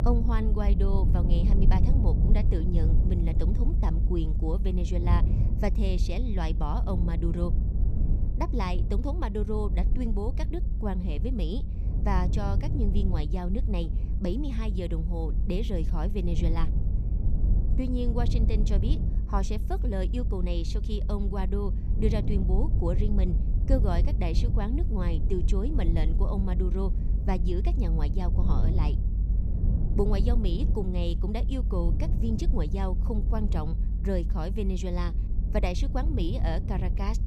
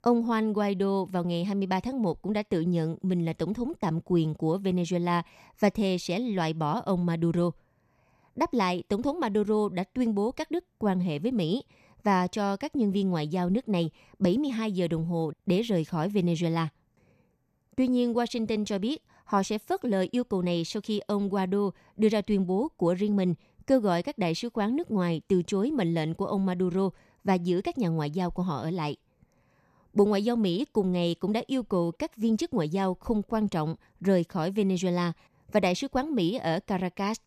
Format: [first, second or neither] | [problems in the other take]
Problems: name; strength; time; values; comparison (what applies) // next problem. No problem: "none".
second | low rumble; loud; throughout; 8 dB below the speech